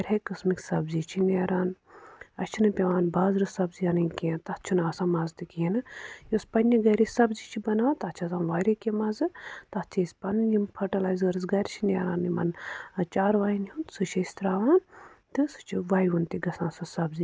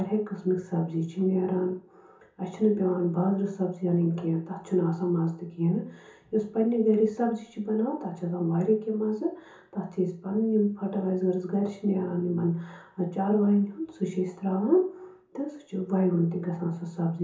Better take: first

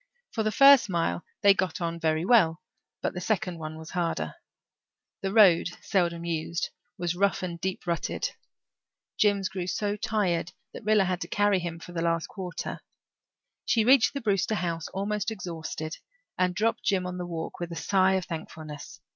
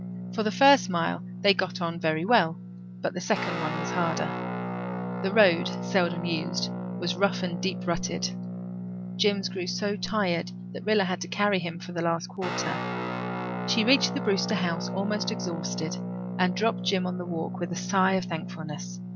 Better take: first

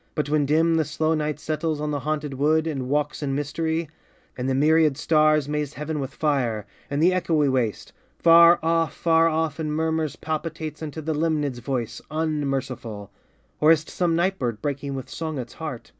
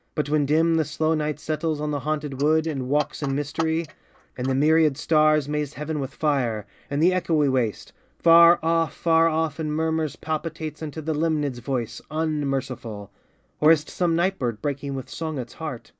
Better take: first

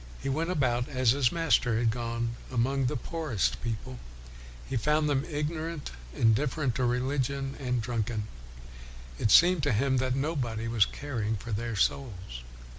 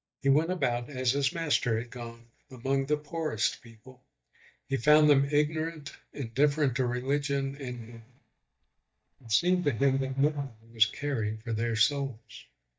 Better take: first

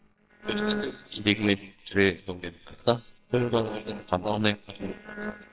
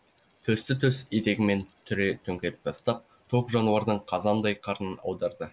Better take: second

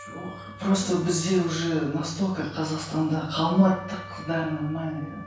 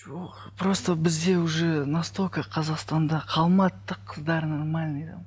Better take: second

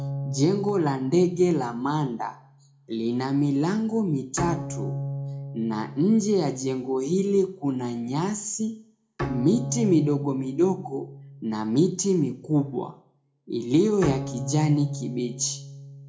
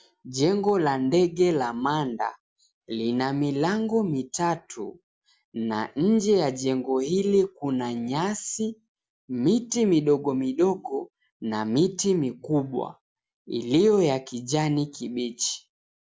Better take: second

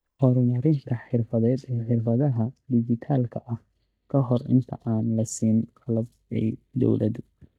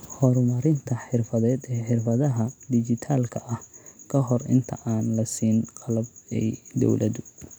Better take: second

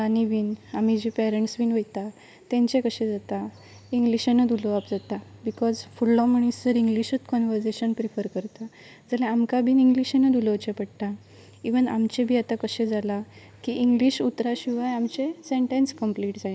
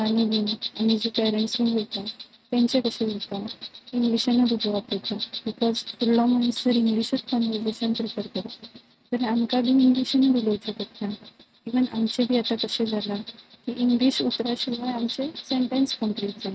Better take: first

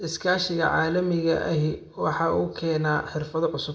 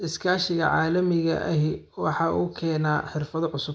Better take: second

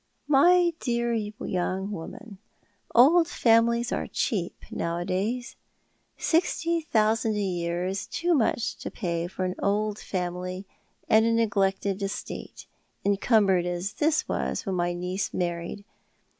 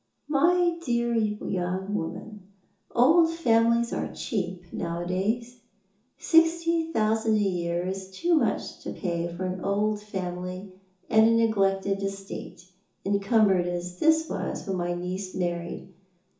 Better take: first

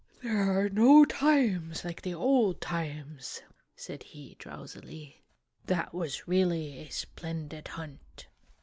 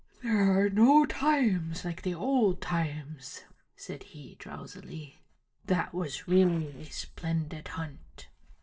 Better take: first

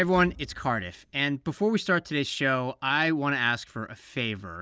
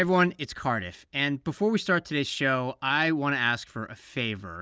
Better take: second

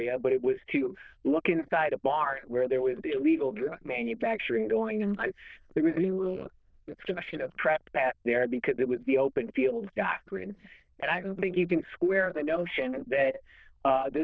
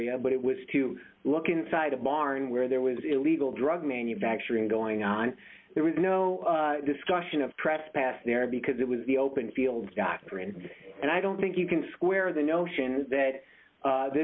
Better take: second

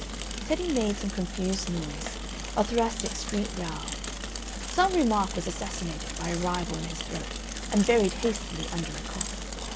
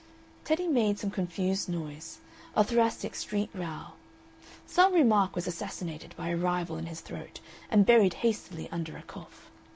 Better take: second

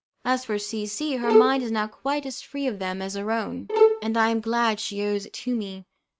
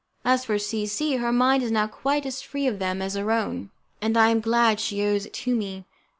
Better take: second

